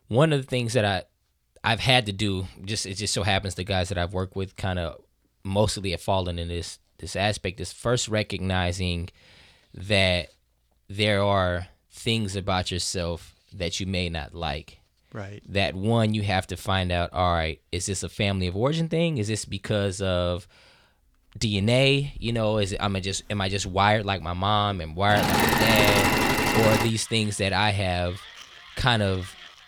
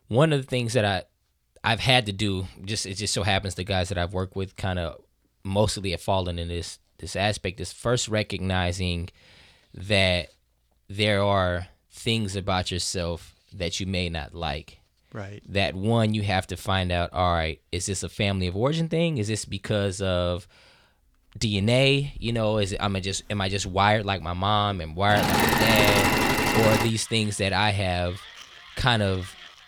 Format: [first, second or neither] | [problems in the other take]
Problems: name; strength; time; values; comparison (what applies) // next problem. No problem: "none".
neither | machinery noise; very loud; from 22 s on; 3 dB above the speech; the same in both